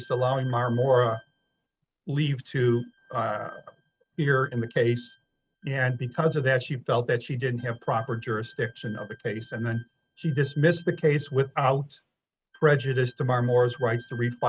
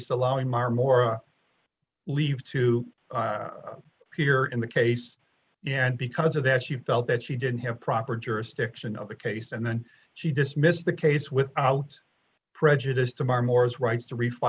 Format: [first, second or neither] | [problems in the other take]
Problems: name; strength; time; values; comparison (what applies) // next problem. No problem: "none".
second | noise reduction (neural mask model RNNoise)